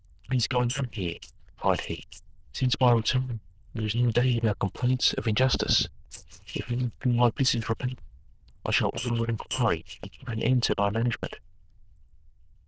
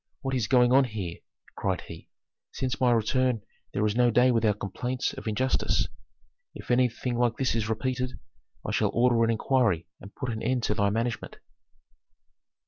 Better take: second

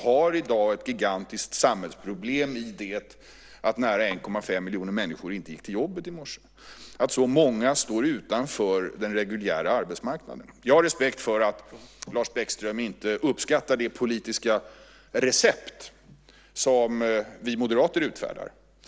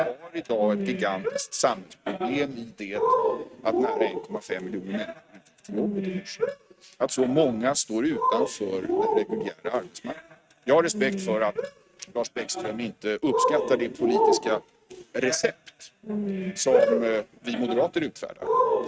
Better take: first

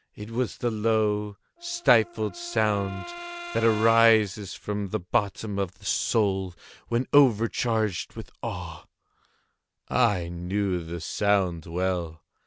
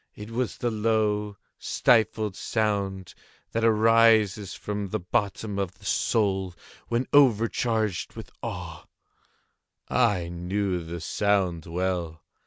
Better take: second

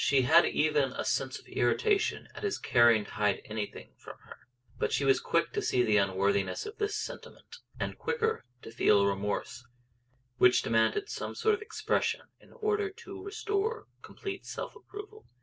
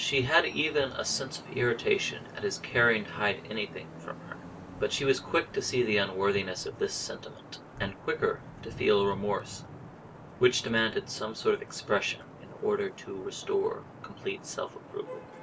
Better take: first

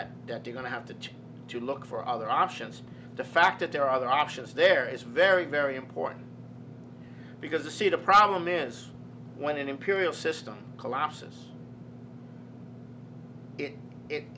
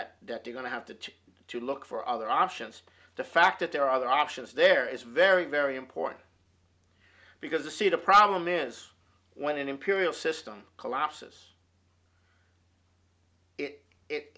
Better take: second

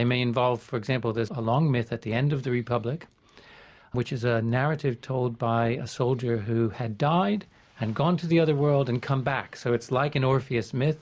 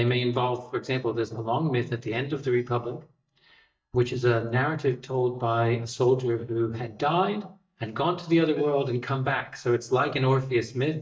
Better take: first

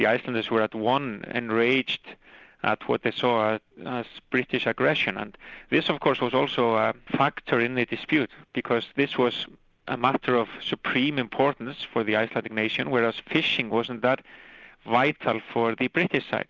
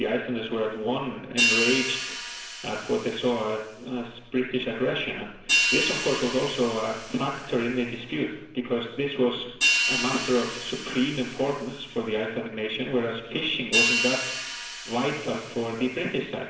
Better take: first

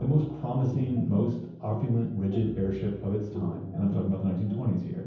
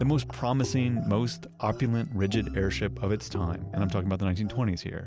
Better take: second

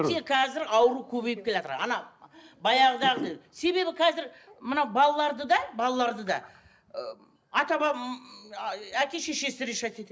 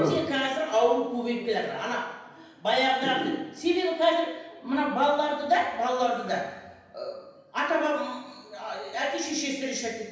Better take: first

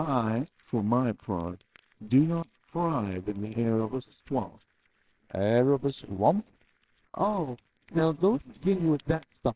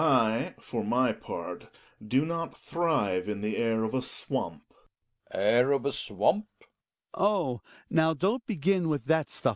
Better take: second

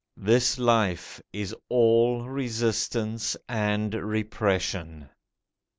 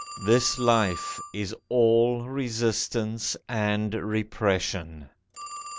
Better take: first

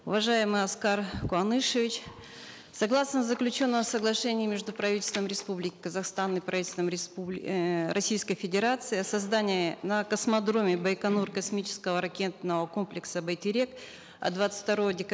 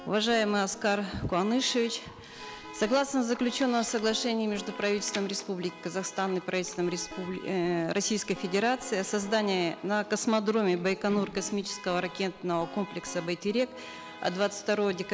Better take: first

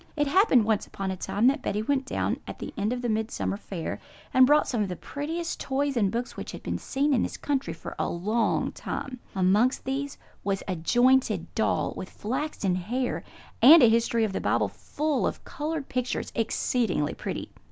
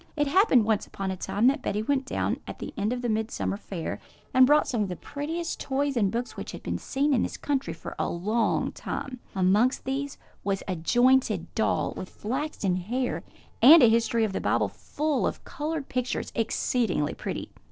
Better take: first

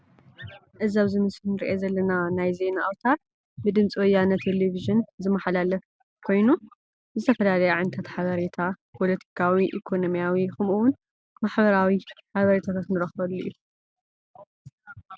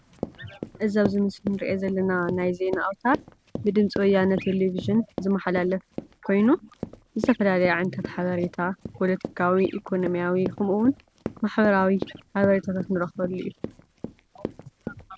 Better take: first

